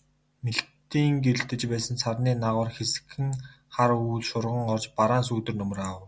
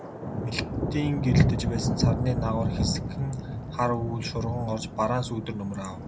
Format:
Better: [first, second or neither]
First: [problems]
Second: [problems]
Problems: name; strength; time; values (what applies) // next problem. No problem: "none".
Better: first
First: none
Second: background sound (Thunder); 1 dB above the speech